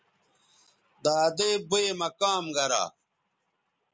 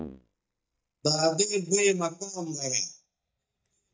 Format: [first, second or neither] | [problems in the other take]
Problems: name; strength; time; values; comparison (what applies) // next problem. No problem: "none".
first | noise reduction (neural mask model DeepFilterNet 3)